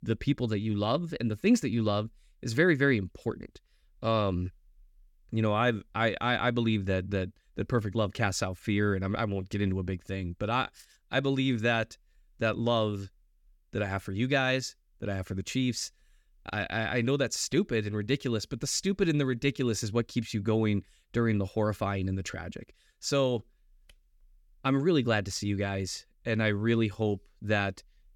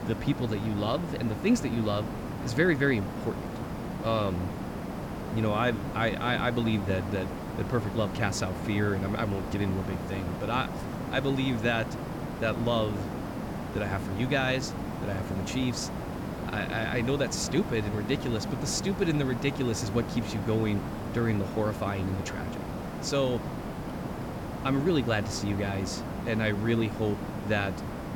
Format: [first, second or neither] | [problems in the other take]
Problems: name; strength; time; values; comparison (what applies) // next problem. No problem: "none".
first | hiss; loud; throughout; 5 dB below the speech